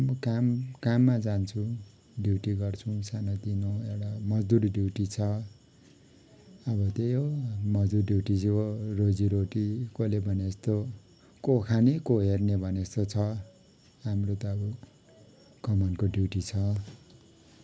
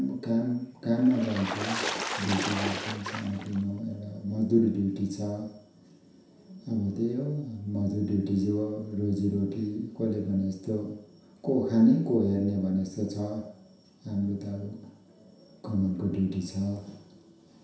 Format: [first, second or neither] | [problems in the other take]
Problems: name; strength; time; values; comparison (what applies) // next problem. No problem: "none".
first | background sound (Water / Splash, splatter); 5 dB below the speech // room echo; dies away in 0.7 s